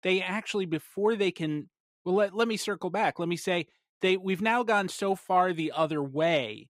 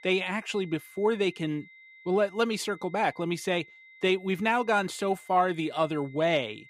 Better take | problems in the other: first | high-pitched whine; faint; throughout; 2 kHz, 25 dB below the speech

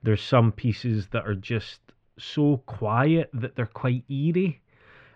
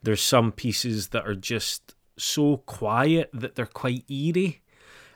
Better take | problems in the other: second | muffled; very; fading above 3 kHz

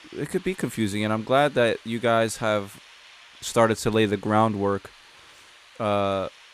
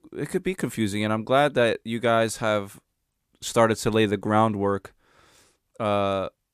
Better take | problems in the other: second | hiss; faint; throughout; 25 dB below the speech

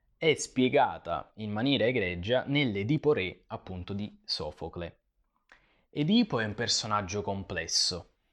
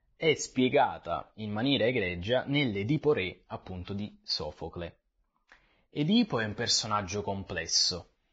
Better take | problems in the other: first | garbled, watery; badly

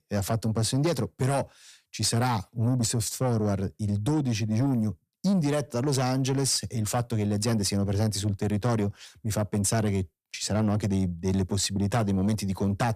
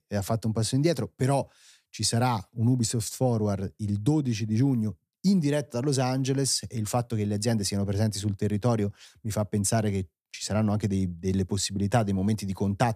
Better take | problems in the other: second | distortion; slight; 10 dB below the speech

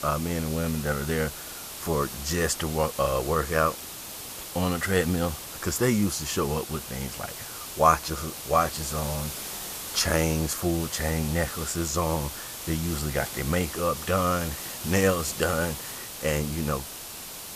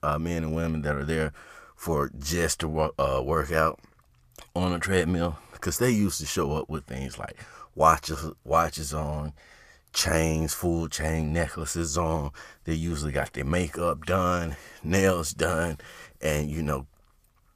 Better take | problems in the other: second | hiss; loud; throughout; 8 dB below the speech

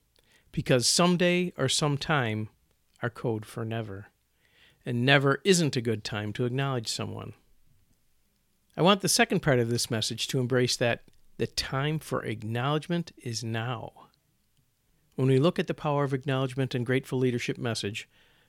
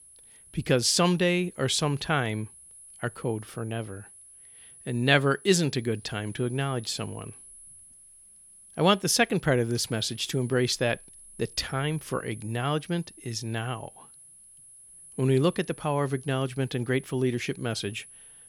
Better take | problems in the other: first | high-pitched whine; faint; throughout; 10.5 kHz, 20 dB below the speech

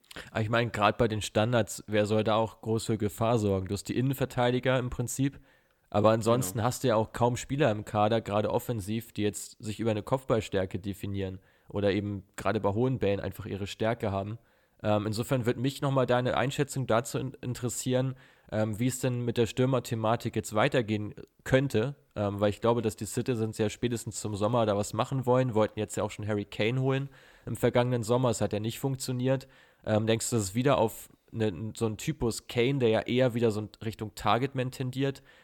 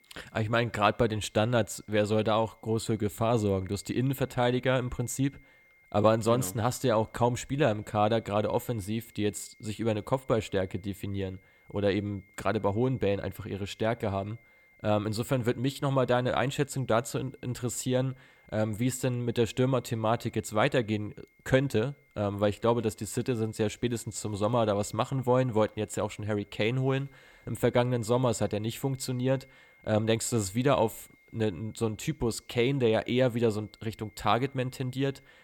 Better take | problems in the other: first | high-pitched whine; faint; throughout; 2 kHz, 30 dB below the speech

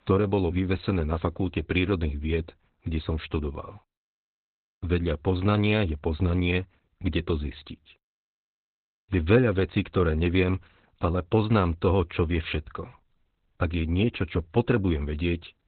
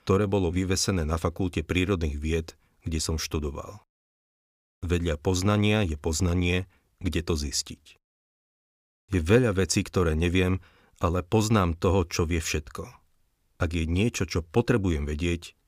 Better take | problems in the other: second | garbled, watery; badly; nothing above 4 kHz

